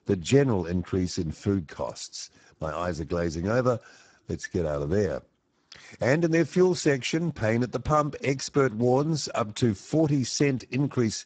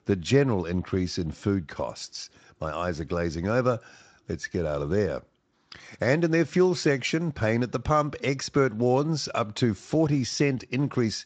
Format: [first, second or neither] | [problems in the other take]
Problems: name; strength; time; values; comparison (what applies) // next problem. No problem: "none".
second | garbled, watery; badly; nothing above 7.5 kHz; slightly in the second